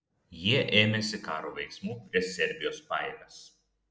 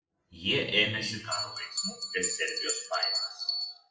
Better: first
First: none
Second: noise reduction (classical method WPE with log-MMSE)

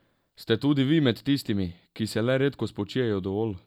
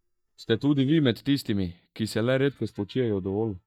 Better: first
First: none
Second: noise reduction (neural mask model DeepFilterNet 3)

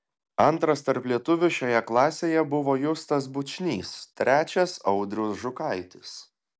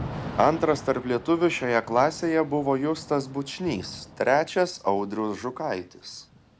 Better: first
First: none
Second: background sound (Thunder / Rain); 16 dB below the speech

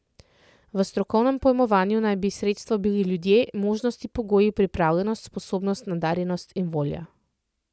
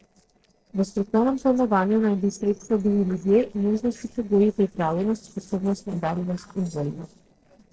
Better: first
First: none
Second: noise reduction (neural separator model SepFormer DNS4)

